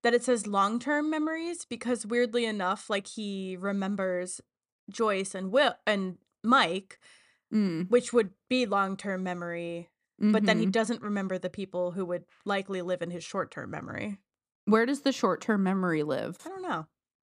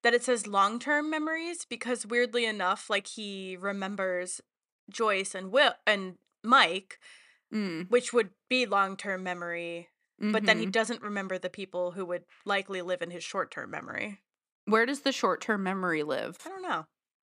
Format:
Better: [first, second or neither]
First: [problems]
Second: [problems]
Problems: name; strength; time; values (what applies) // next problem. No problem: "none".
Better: first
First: none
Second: thin; very slightly; fading below 400 Hz